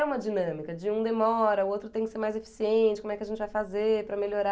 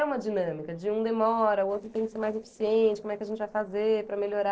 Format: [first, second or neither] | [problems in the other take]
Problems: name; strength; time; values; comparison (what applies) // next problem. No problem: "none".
first | noise reduction (neural separator model SepFormer DNS4)